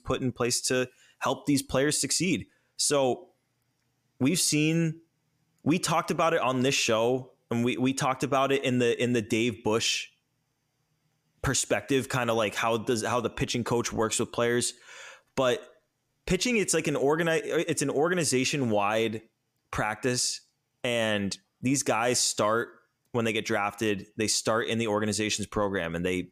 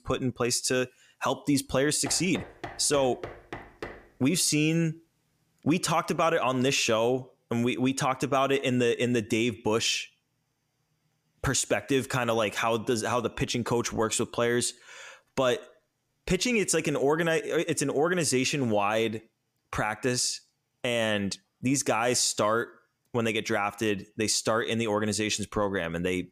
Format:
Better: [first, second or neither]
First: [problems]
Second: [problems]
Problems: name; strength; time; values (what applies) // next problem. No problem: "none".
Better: first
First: none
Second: door banging; faint; from 2 to 4 s; peak 15 dB below the speech